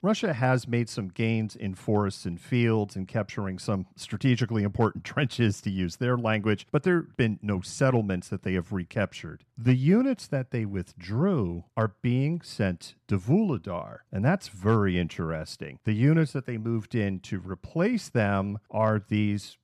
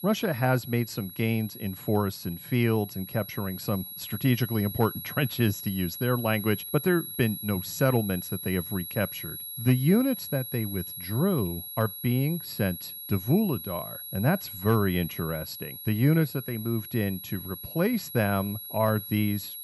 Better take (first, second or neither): first